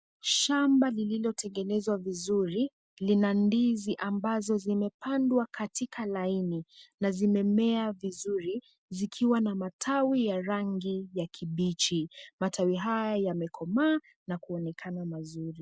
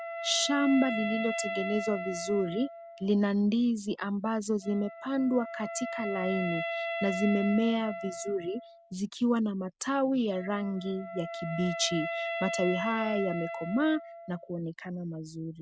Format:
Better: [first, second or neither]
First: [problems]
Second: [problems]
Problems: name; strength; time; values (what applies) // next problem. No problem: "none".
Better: first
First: none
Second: background sound (Wind instrument, woodwind instrument); 7 dB below the speech